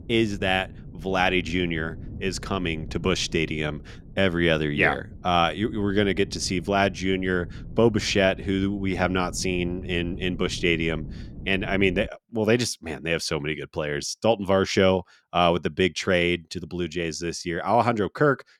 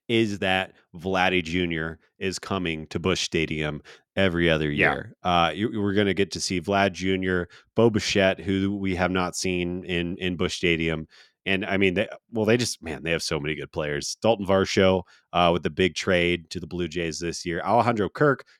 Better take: second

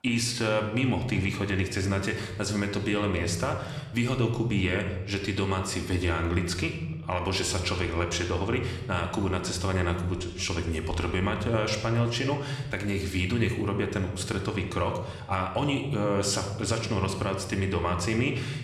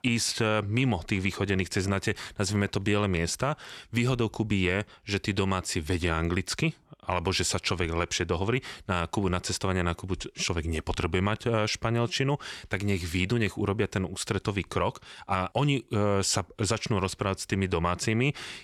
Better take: second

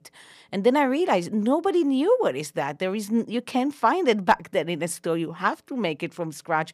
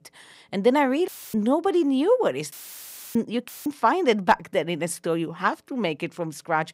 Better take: first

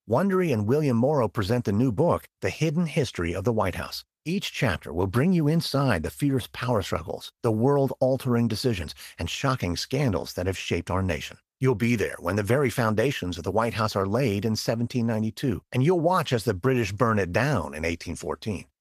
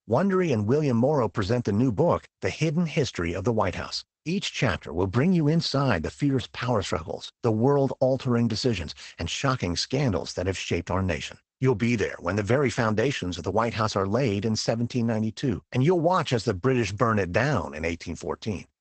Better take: first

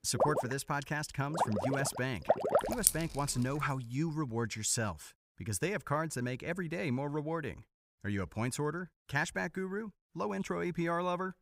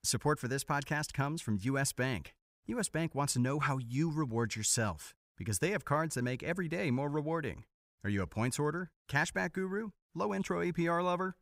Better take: second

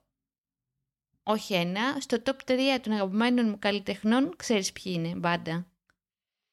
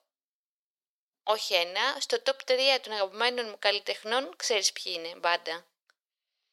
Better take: first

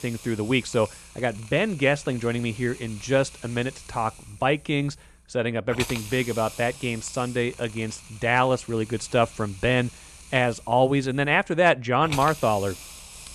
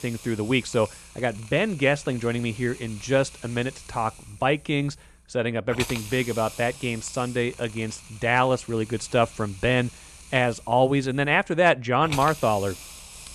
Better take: neither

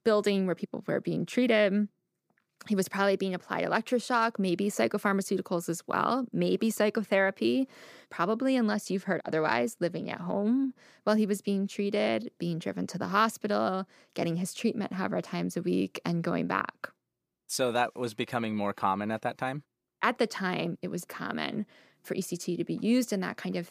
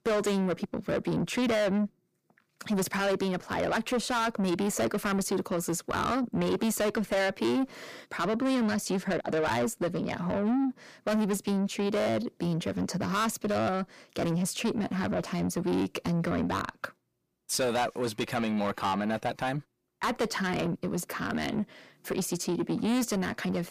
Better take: first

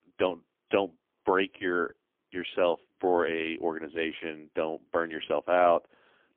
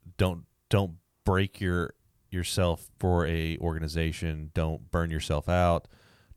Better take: second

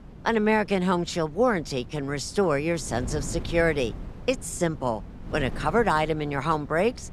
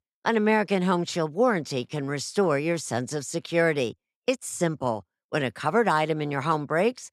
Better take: second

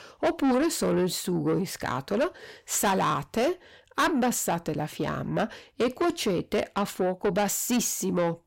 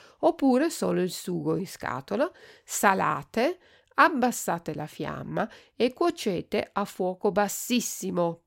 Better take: second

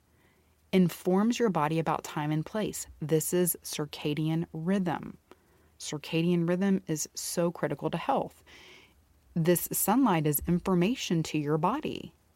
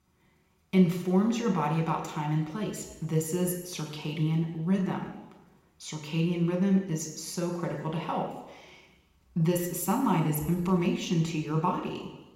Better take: first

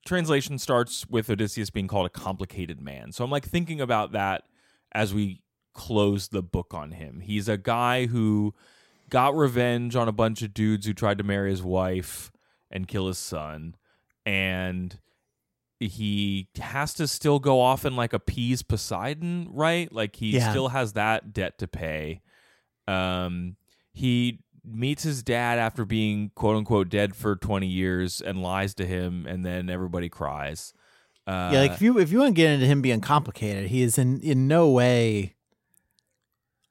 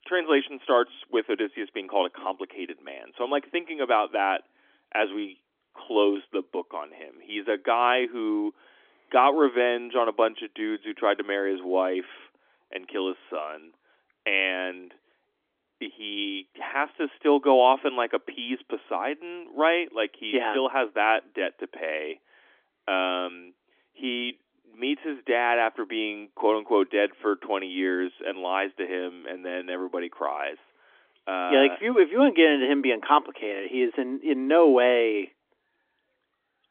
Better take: first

